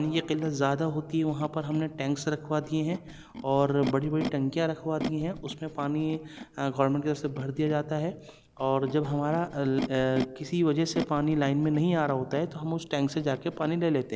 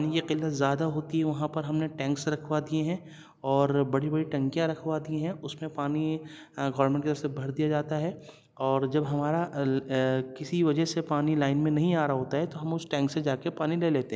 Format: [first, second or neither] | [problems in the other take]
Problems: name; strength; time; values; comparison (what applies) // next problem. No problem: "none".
second | background sound (Animal); 13 dB below the speech